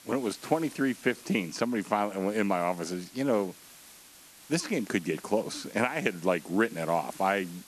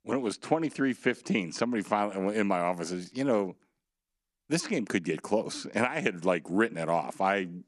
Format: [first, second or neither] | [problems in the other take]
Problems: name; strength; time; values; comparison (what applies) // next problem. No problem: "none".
second | hiss; noticeable; throughout; 20 dB below the speech